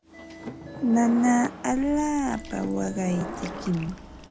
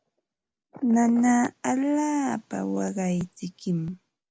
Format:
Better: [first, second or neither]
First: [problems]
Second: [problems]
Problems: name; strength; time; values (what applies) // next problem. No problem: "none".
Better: second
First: background sound (Water / Liquid + Subway, metro, underground / Sliding door); 12 dB below the speech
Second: none